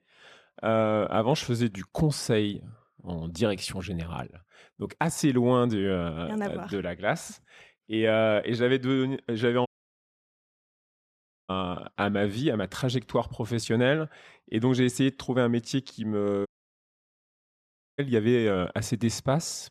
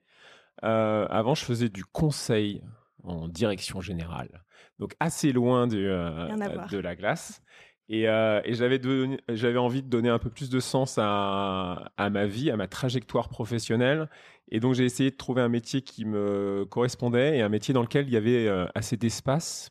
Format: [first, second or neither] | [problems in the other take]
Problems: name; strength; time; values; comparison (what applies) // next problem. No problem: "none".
second | audio cutting out; at 9.5 s for 2 s and at 16 s for 1.5 s